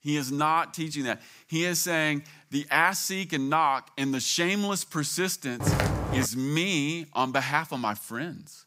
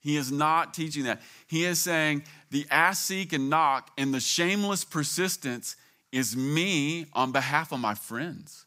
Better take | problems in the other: second | footsteps; loud; at 5.5 s; peak 1 dB above the speech

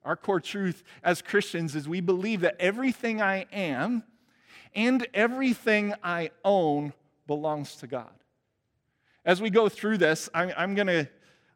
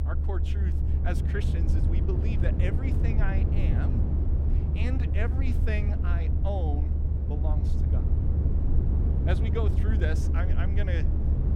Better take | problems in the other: first | low rumble; loud; throughout; 2 dB below the speech

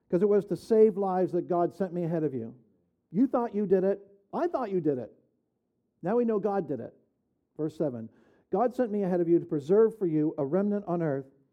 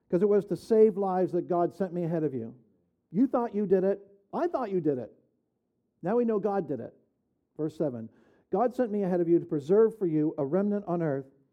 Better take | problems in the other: neither | muffled; slightly; fading above 1 kHz; the same in both

